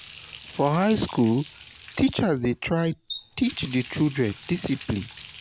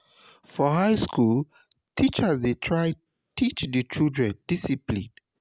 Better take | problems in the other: second | background sound (Water tap, faucet); 18 dB below the speech

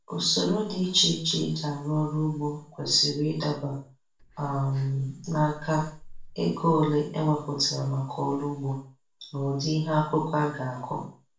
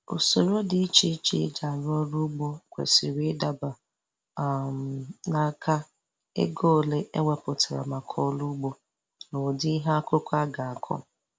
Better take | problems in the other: second | background sound (Breathing); 17 dB below the speech // room echo; dies away in 0.4 s

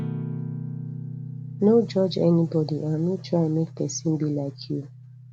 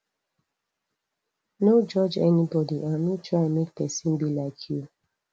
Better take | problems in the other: second | background sound (Guitar); 10 dB below the speech

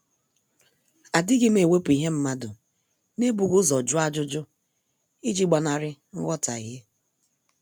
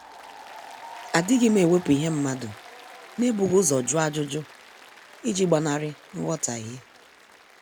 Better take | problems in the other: first | background sound (Applause); 19 dB below the speech

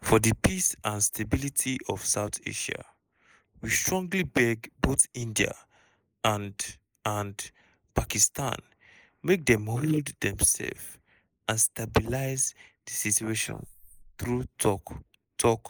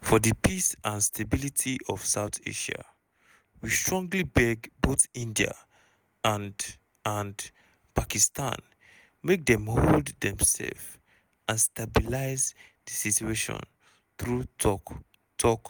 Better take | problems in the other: second | noise reduction (neural mask model Resemble Enhance denoiser)

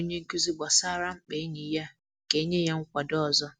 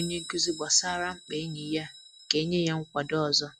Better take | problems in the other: first | background sound (Bell); 17 dB below the speech

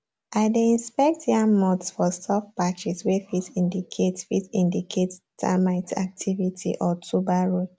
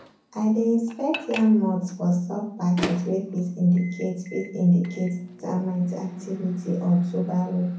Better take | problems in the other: first | background sound (Microwave oven); 16 dB below the speech // room echo; dies away in 0.6 s

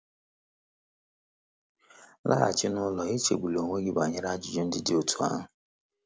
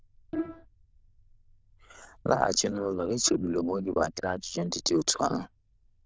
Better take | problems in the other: first | noise reduction (neural diffusion model UNIVERSE++)

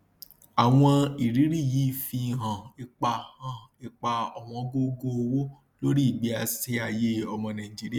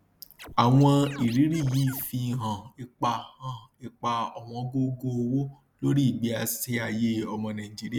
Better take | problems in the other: first | background sound (Scratching (performance technique)); 17 dB below the speech

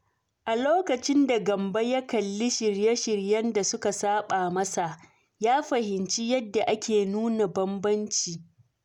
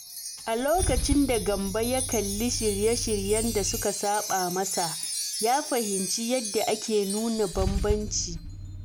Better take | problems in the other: first | background sound (Wind chime + Idling / Engine starting / Car); 4 dB below the speech

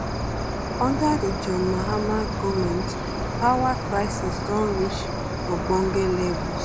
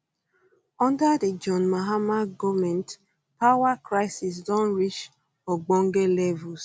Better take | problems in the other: second | background sound (Cricket); 1 dB below the speech

